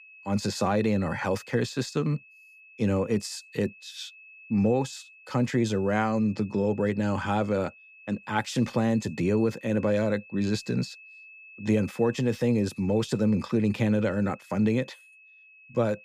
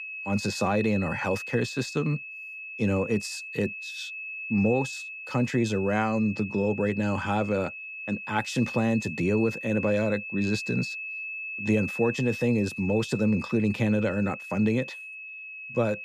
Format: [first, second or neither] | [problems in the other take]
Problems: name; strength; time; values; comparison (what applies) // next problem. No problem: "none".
first | high-pitched whine; loud; throughout; 2.5 kHz, 8 dB below the speech; faint in the first